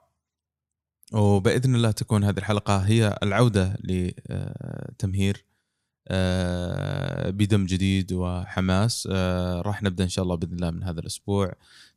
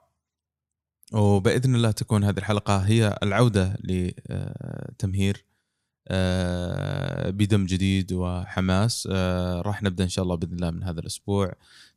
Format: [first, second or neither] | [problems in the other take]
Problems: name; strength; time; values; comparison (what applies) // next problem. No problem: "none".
neither | none